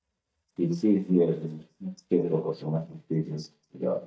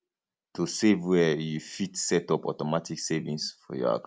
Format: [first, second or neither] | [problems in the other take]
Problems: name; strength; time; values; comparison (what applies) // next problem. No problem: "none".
second | noise reduction (neural mask model DeepFilterNet 3)